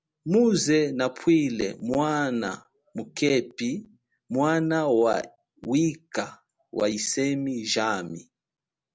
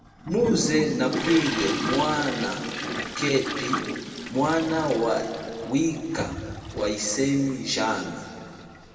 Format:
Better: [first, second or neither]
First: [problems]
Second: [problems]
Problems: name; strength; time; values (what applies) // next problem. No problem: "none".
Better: first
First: none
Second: background sound (Toilet flush); 8 dB below the speech // room echo; dies away in 2.2 s